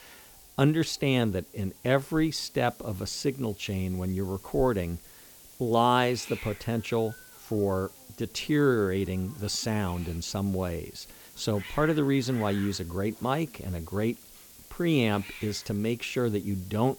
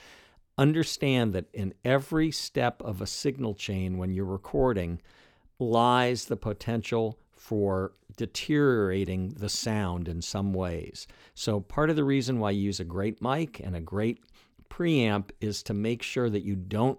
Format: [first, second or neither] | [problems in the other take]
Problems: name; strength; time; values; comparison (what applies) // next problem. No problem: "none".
second | hiss; noticeable; throughout; 20 dB below the speech